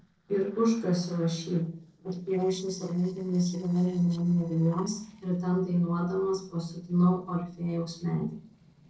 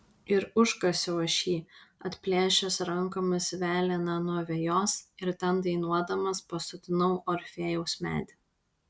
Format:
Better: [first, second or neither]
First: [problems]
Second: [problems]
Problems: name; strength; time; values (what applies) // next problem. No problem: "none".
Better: second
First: noise reduction (neural separator model SepFormer DNS4)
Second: none